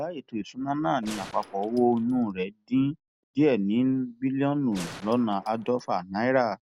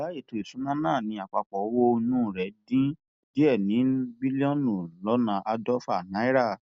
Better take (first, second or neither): second